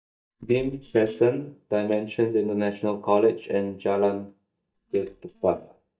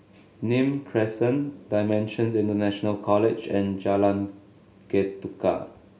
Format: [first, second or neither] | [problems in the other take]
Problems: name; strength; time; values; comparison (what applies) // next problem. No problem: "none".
second | noise reduction (neural mask model DeepFilterNet 3)